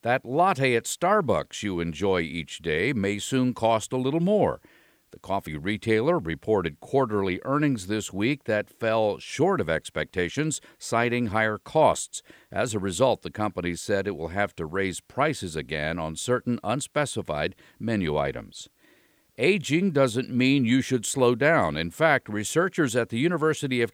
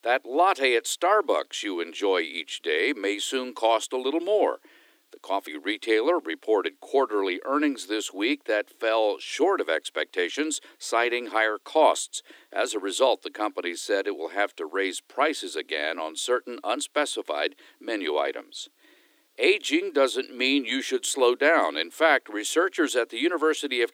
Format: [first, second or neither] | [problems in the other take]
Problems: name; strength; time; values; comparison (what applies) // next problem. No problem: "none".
first | thin; somewhat; fading below 300 Hz